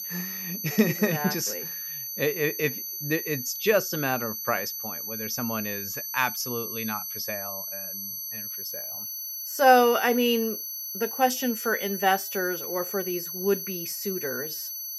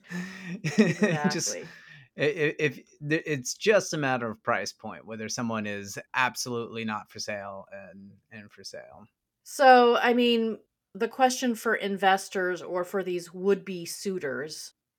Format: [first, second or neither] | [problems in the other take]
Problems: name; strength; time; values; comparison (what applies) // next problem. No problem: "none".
second | high-pitched whine; loud; throughout; 12 kHz, 5 dB below the speech